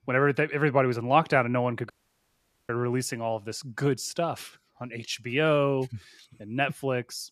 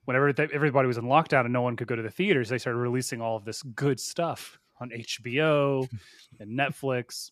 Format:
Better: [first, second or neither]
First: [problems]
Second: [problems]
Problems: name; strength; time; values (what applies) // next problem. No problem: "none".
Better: second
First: audio cutting out; at 2 s for 1 s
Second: none